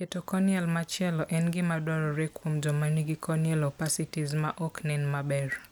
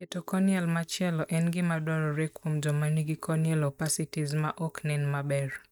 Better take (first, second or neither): first